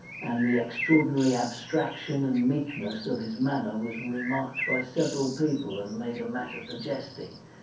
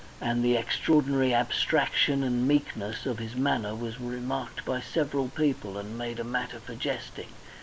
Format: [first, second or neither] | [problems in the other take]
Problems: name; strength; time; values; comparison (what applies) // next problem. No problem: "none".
second | background sound (Bird); 10 dB below the speech // room echo; dies away in 0.6 s